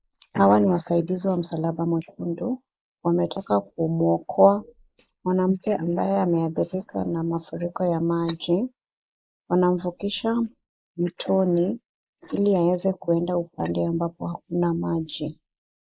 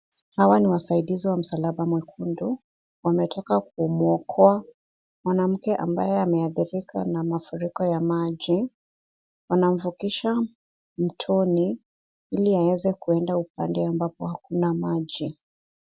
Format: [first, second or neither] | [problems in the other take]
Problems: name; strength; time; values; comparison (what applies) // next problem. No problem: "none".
second | noise reduction (neural mask model Resemble Enhance denoiser)